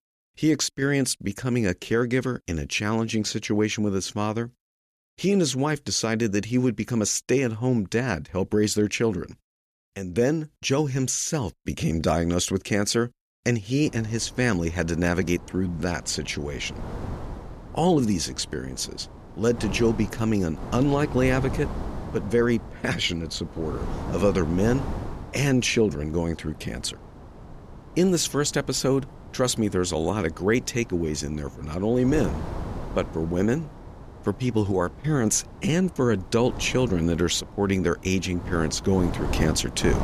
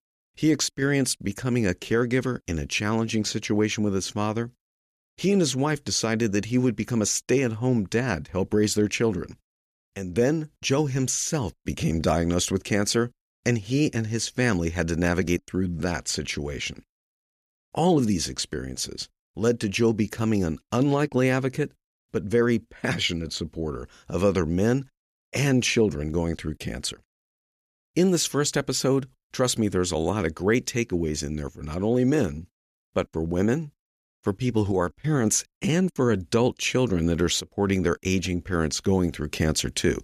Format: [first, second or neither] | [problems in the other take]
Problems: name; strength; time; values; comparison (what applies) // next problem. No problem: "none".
second | wind noise on the microphone; occasional gusts; from 14 s on; 15 dB below the speech